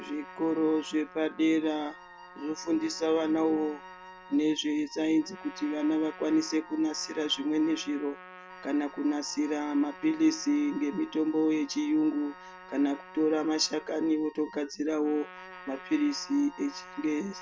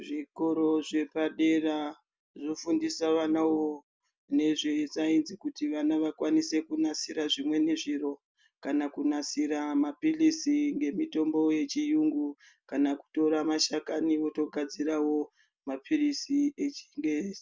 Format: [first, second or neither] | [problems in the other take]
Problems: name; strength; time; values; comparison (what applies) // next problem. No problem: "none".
second | background sound (Wind instrument, woodwind instrument + Trumpet); 18 dB below the speech